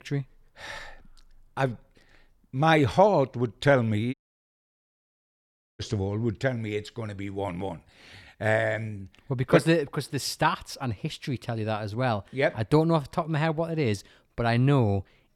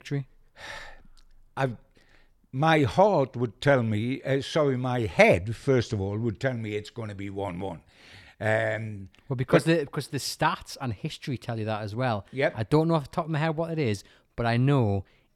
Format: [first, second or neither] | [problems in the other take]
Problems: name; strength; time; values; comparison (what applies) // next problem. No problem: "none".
second | audio cutting out; at 4 s for 1.5 s